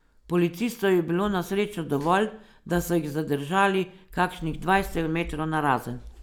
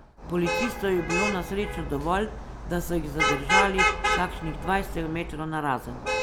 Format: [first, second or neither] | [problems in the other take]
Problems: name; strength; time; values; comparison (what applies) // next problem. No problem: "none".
first | background sound (Traffic noise, roadway noise / Vehicle horn, car horn, honking); as loud as the speech